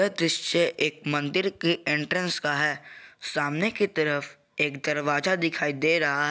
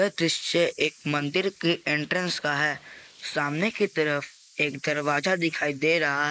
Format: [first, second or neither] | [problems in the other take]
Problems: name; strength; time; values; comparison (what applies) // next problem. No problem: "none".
first | noise reduction (neural mask model Resemble Enhance denoiser)